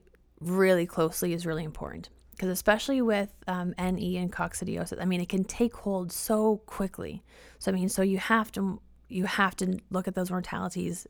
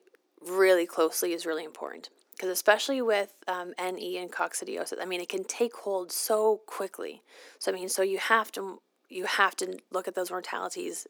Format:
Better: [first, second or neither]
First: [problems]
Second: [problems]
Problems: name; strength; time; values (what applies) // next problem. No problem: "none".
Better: first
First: none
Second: thin; very; fading below 300 Hz